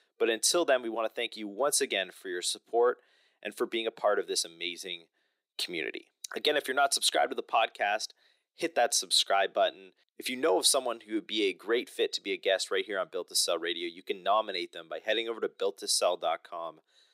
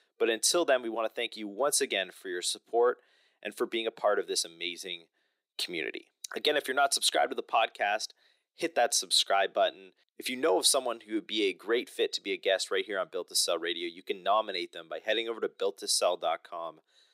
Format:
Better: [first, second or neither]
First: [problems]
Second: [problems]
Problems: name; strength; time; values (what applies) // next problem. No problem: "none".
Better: neither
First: thin; very; fading below 350 Hz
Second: thin; very; fading below 350 Hz